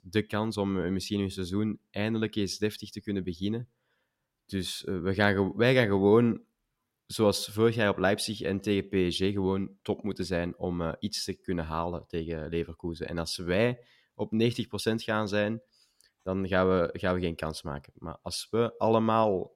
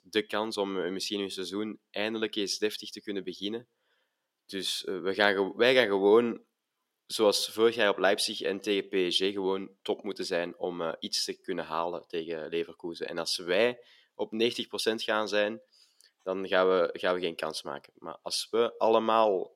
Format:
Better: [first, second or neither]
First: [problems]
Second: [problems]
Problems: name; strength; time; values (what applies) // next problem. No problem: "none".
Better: first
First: none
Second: thin; somewhat; fading below 400 Hz